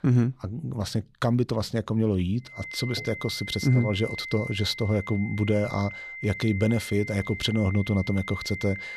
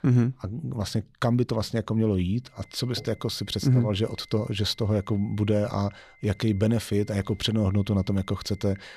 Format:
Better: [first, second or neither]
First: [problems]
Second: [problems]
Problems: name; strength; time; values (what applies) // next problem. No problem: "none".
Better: second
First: high-pitched whine; loud; from 2.5 s on; 2 kHz, 9 dB below the speech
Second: high-pitched whine; faint; from 2.5 s on; 2 kHz, 30 dB below the speech